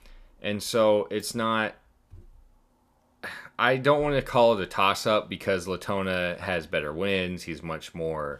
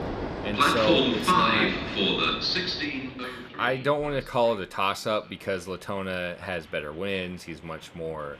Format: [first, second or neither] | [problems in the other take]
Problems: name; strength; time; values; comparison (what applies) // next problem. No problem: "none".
first | train or aircraft noise; very loud; throughout; 5 dB above the speech